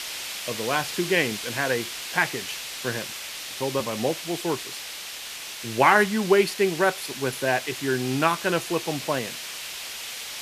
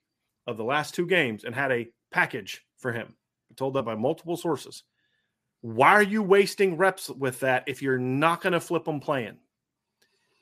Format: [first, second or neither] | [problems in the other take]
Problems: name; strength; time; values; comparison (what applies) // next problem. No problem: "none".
second | hiss; loud; throughout; 8 dB below the speech